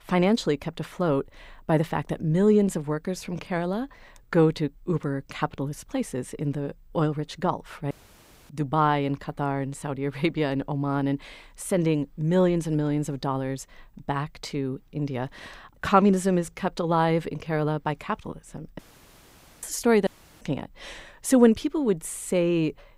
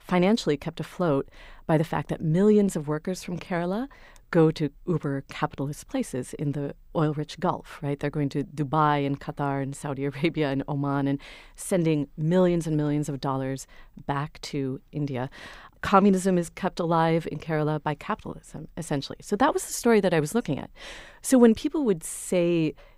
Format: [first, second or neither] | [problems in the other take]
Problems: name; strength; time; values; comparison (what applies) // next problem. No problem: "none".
second | audio cutting out; at 8 s for 0.5 s, at 19 s for 1 s and at 20 s